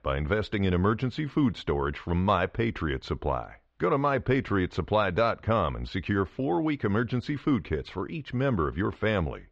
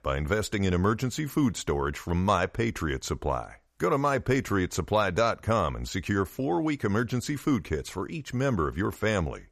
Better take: second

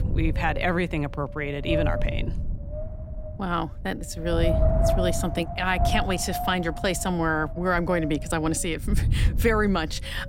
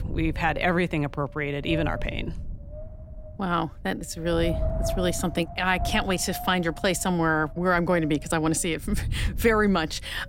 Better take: second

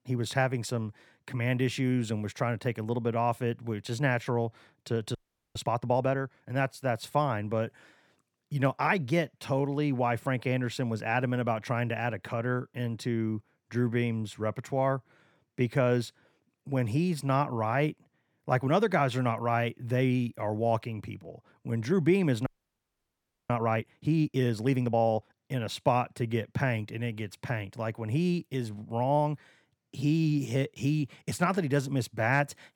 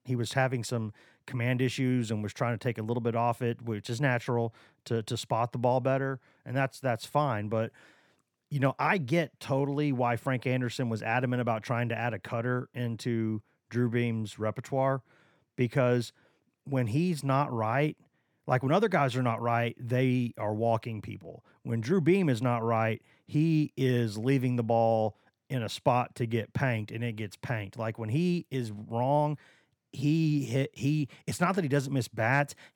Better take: second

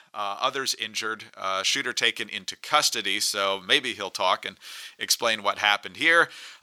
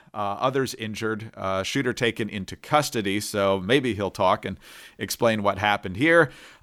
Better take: second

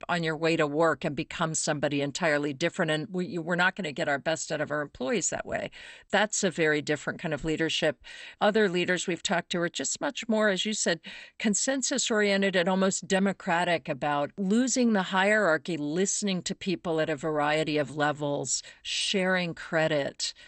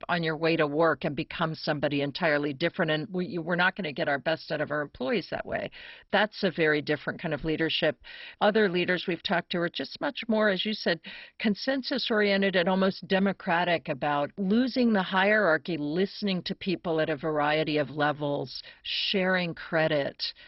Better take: first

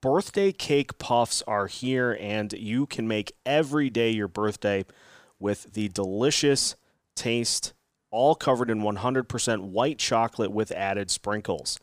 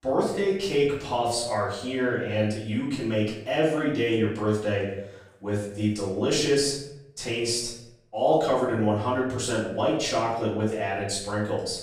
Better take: first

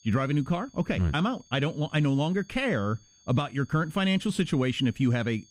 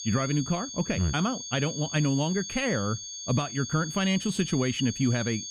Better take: first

